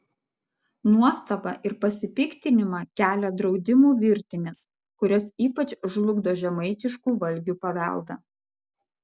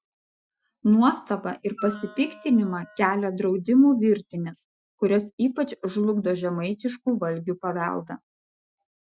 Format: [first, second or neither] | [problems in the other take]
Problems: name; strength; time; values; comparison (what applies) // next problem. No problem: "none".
first | noise reduction (classical method Wiener filter)